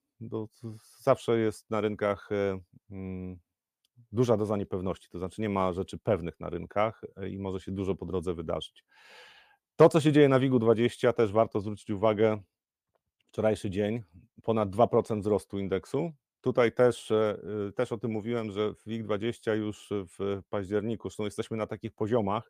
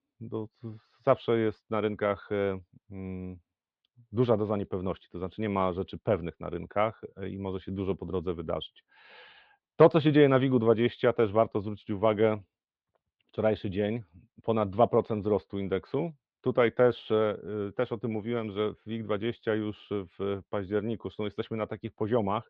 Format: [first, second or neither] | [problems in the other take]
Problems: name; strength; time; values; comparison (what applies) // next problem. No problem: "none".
first | muffled; slightly; fading above 4 kHz